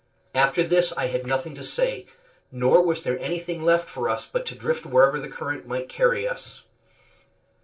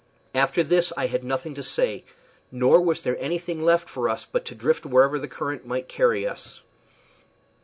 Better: second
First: noise reduction (neural separator model SepFormer DNS4)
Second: none

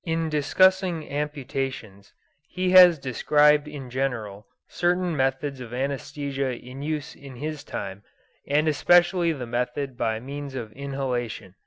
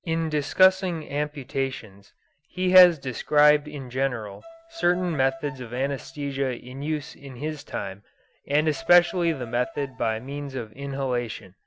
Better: first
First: none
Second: background sound (Bowed string instrument); 19 dB below the speech

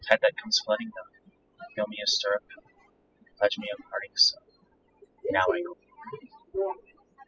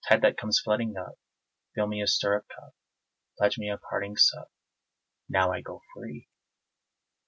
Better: second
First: noise reduction (classical method spectral subtraction)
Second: none

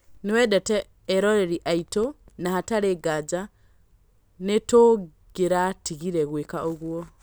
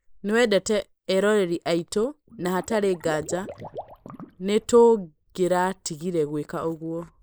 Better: first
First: none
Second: noise reduction (neural mask model Resemble Enhance denoiser)

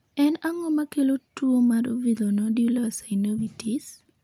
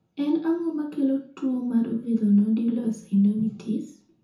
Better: first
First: none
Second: room echo; dies away in 0.6 s

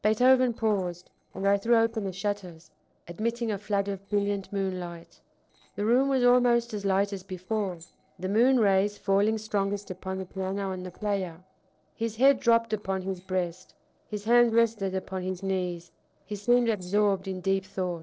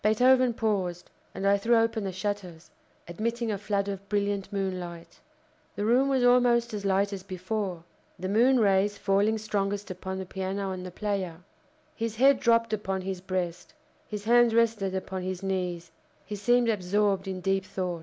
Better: second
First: noise reduction (neural separator model SepFormer DNS4)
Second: none

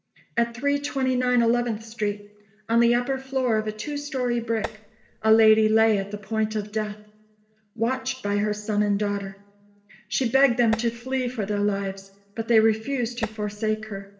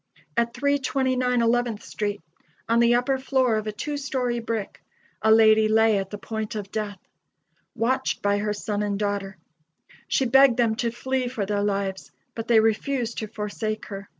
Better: second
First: background sound (Tap); 13 dB below the speech // room echo; dies away in 0.6 s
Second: none

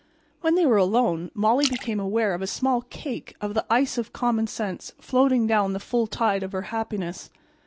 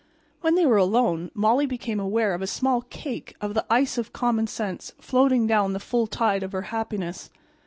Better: second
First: background sound (Splash, splatter); 14 dB below the speech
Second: none

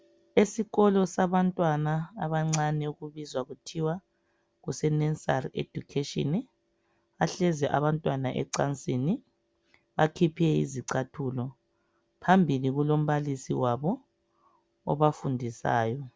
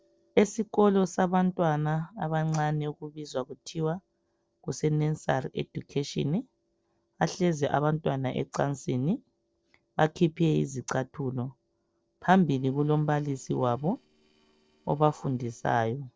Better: first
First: none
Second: noise reduction (neural separator model SepFormer DNS4)

